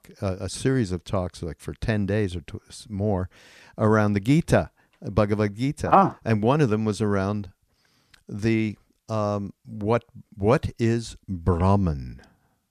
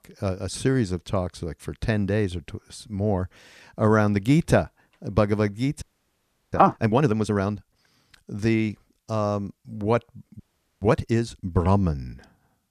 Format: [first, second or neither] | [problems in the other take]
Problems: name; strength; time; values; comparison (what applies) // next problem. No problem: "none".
first | audio freezing; at 6 s for 0.5 s and at 10 s